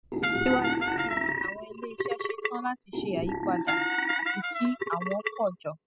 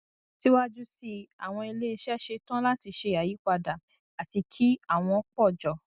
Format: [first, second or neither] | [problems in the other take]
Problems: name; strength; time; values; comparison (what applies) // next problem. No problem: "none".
second | noise reduction (classical method spectral subtraction)